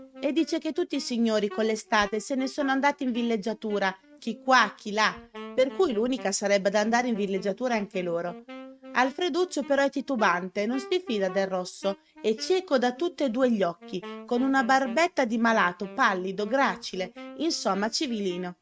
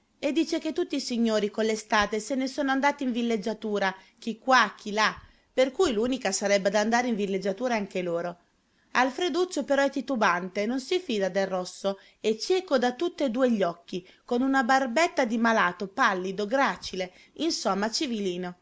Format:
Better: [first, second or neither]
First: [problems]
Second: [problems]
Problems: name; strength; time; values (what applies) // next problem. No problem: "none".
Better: second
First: noise reduction (neural mask model RNNoise)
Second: none